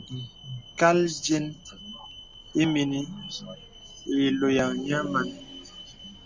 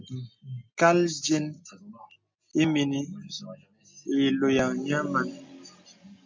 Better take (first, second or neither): second